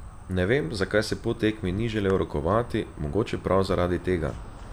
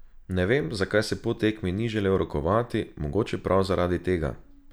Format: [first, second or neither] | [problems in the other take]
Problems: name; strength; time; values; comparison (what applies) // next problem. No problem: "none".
second | background sound (Insect); 14 dB below the speech